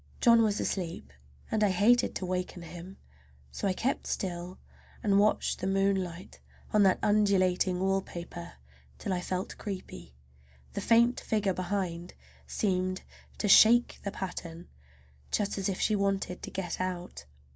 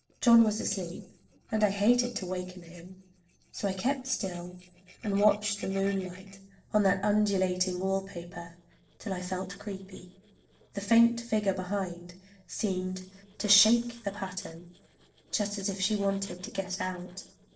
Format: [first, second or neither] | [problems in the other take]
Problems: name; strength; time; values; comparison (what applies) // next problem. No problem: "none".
first | noise reduction (neural separator model SepFormer DNS4)